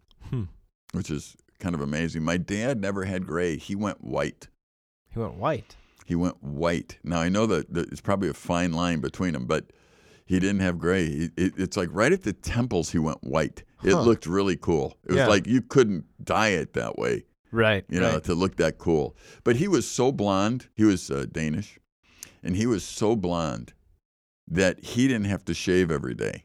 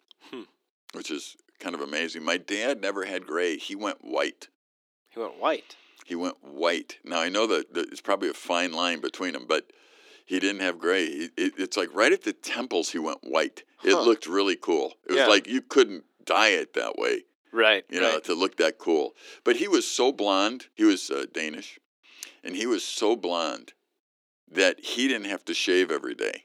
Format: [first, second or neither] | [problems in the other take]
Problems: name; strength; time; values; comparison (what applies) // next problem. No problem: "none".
first | thin; somewhat; fading below 300 Hz